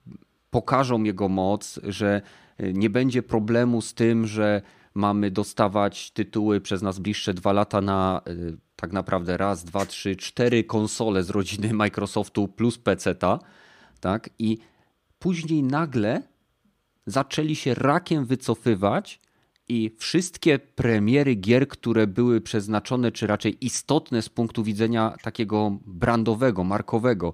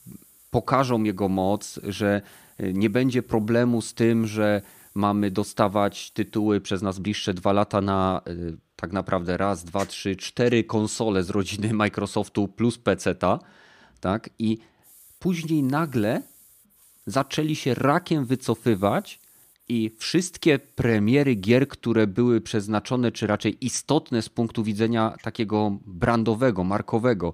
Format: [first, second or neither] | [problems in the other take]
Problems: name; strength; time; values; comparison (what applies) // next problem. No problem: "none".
first | hiss; faint; until 6.5 s and from 15 to 22 s; 30 dB below the speech